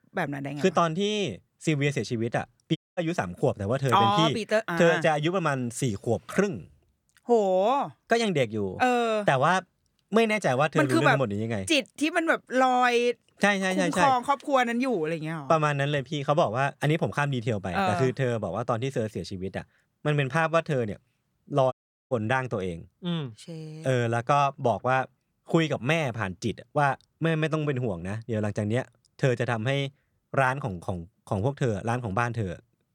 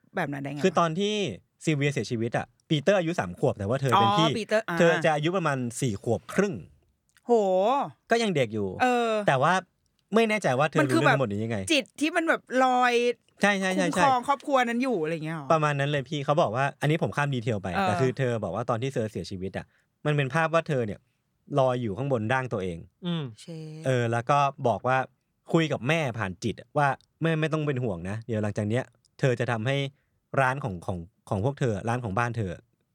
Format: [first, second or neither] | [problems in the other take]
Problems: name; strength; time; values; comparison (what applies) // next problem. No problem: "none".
second | audio cutting out; at 3 s and at 22 s